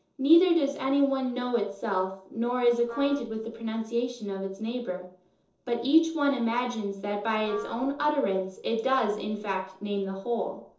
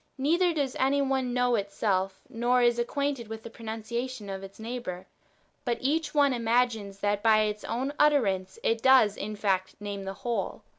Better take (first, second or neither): second